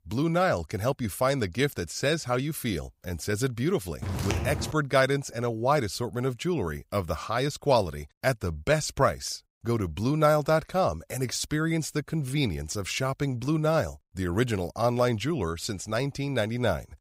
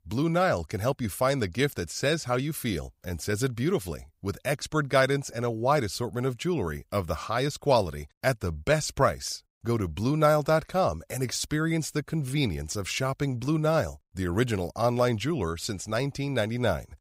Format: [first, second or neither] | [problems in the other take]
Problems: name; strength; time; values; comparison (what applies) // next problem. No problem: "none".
second | footsteps; noticeable; at 4 s; peak 2 dB below the speech